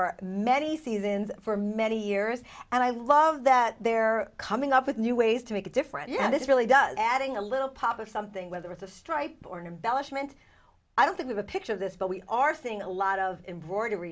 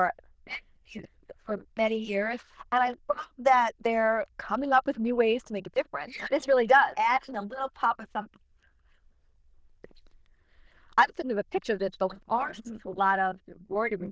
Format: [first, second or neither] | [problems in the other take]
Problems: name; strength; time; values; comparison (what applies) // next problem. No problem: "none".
first | noise reduction (neural diffusion model UNIVERSE++)